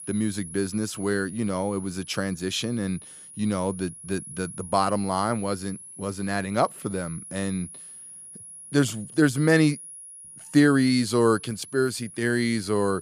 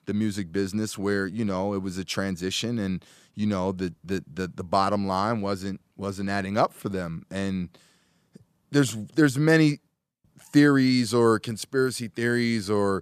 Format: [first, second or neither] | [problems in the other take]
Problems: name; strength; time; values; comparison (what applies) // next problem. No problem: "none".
second | high-pitched whine; noticeable; throughout; 10.5 kHz, 15 dB below the speech